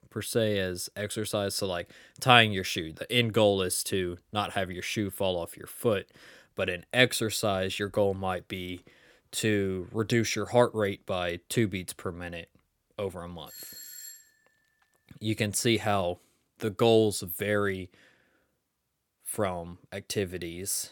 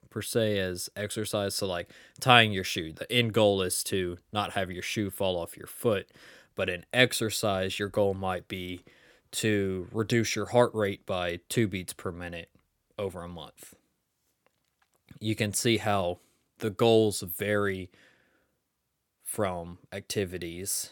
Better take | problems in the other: second | doorbell; faint; at 13 s; peak 15 dB below the speech

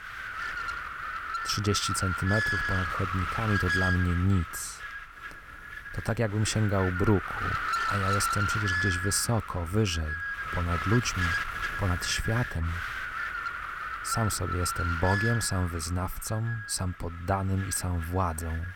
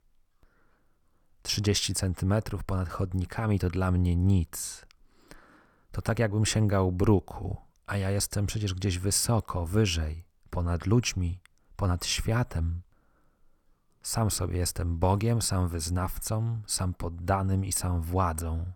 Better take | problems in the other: second | wind noise on the microphone; heavy; 3 dB above the speech

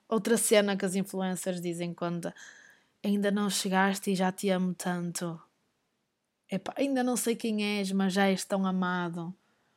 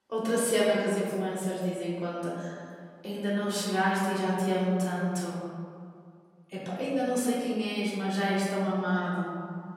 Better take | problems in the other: first | off-mic speech; far // room echo; noticeable; dies away in 2 s

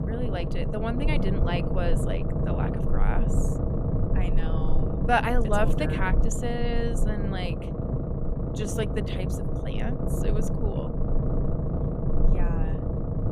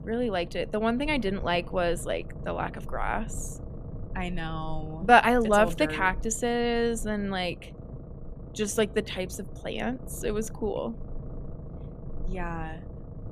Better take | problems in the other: second | low rumble; loud; throughout; 4 dB below the speech; faint in the second

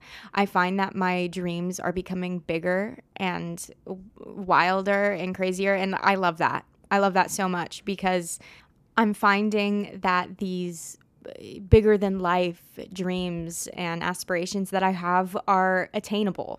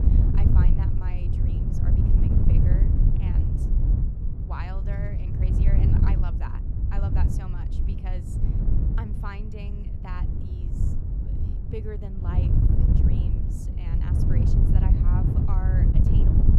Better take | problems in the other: first | wind noise on the microphone; heavy; 4 dB above the speech

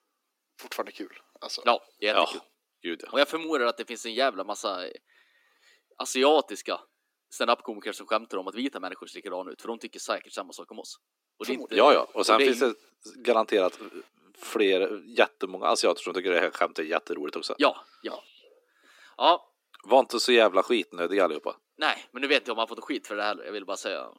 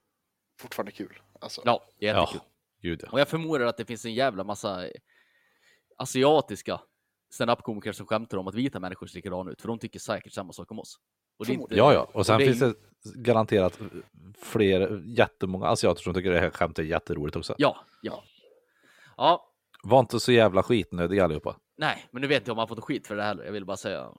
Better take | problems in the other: second | thin; very slightly; fading below 250 Hz

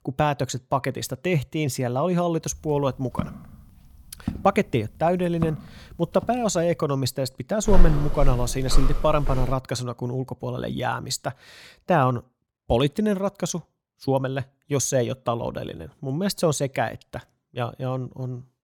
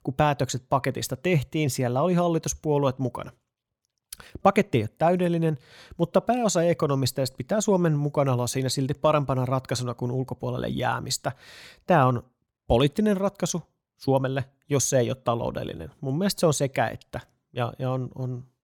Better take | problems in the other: second | footsteps; noticeable; from 3 to 6.5 s; peak 8 dB below the speech // footsteps; loud; from 7.5 to 9.5 s; peak 1 dB above the speech

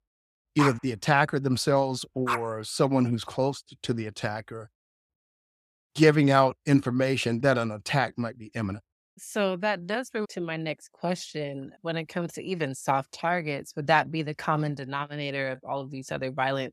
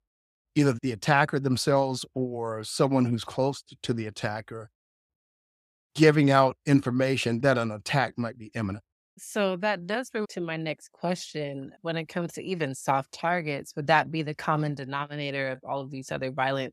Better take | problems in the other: second | dog barking; noticeable; from 0.5 to 2.5 s; peak 3 dB below the speech

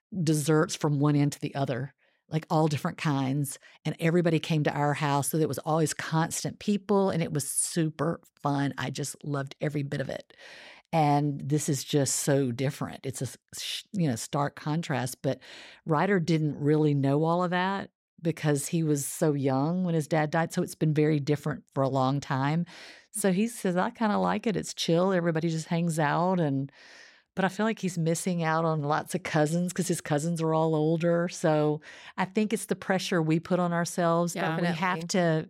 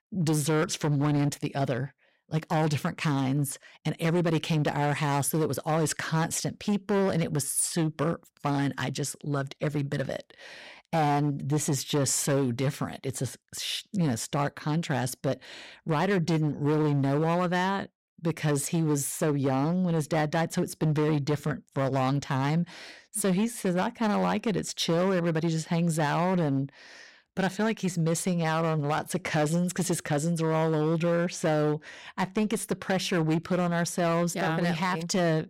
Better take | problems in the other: first | distortion; slight; 11% of the sound clipped

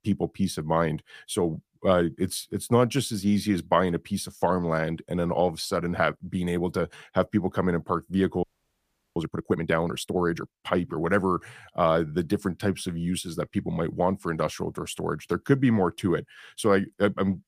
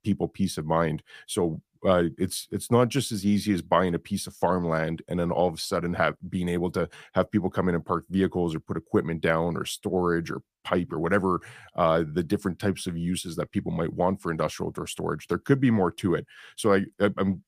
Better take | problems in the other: second | audio freezing; at 8.5 s for 0.5 s

